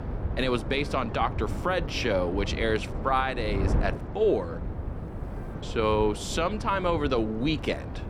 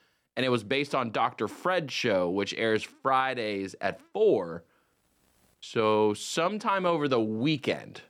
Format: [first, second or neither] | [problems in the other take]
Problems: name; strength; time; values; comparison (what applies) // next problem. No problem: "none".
second | wind noise on the microphone; occasional gusts; 15 dB below the speech